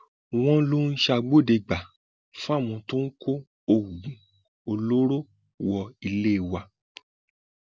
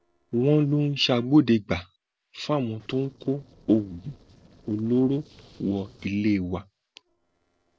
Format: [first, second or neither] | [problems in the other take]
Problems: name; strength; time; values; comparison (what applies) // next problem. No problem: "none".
first | noise reduction (neural separator model SepFormer DNS4)